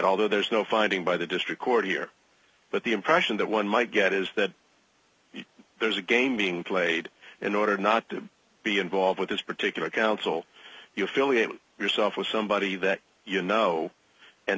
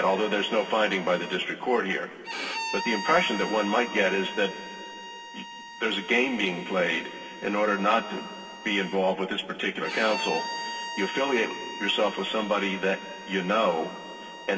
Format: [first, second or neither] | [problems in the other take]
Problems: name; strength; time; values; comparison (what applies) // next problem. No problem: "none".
first | background sound (Bowed string instrument); 11 dB below the speech // room echo; dies away in 2.4 s